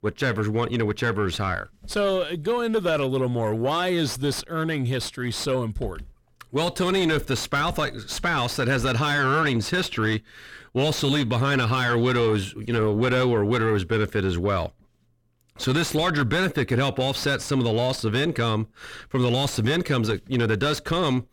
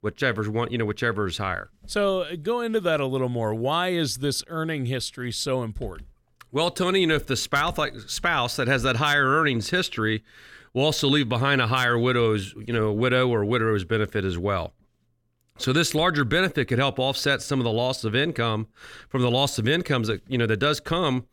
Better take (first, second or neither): second